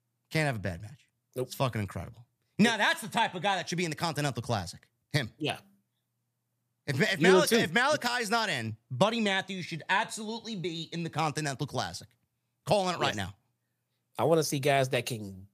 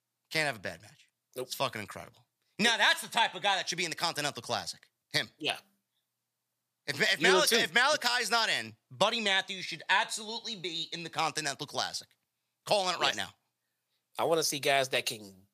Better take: first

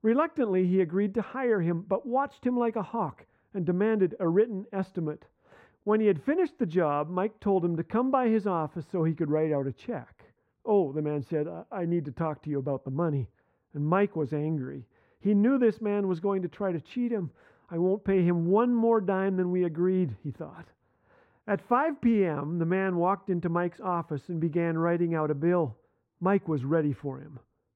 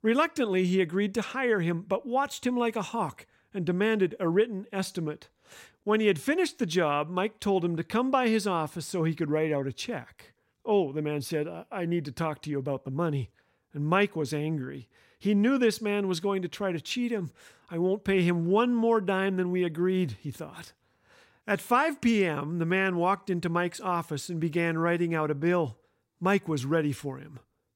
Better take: second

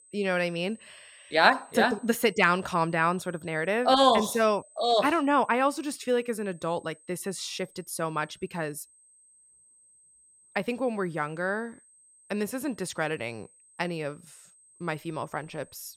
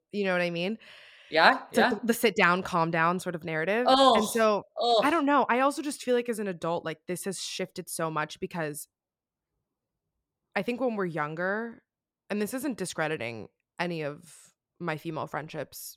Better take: second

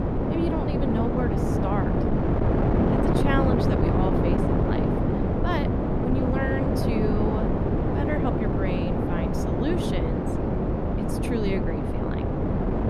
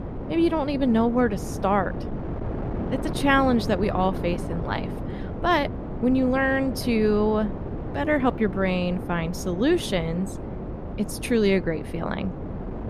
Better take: second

